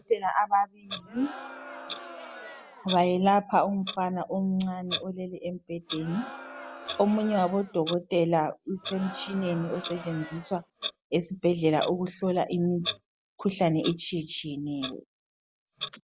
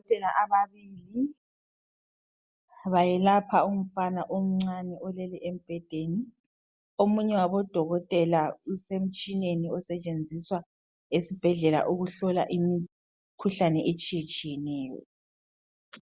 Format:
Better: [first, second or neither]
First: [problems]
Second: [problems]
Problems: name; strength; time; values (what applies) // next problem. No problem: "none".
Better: second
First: background sound (Crowd + Clock); 13 dB below the speech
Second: none